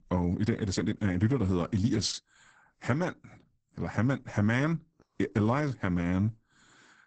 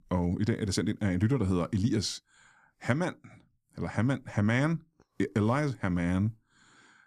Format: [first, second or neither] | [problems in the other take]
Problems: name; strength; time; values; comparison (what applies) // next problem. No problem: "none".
second | garbled, watery; badly; nothing above 8 kHz